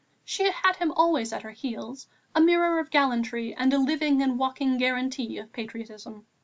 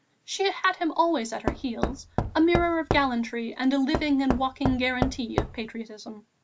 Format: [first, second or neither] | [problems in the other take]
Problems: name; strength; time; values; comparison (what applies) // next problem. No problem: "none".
first | background sound (Knock / Wood); 5 dB below the speech